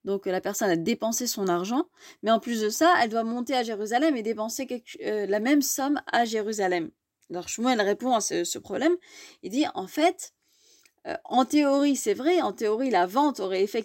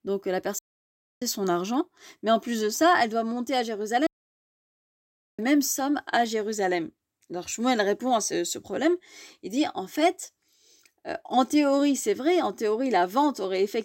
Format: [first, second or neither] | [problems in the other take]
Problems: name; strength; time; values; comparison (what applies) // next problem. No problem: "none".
first | audio cutting out; at 0.5 s for 0.5 s and at 4 s for 1.5 s